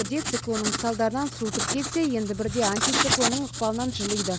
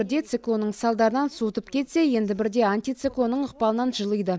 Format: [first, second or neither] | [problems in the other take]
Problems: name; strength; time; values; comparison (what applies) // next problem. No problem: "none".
second | background sound (Writing); 1 dB below the speech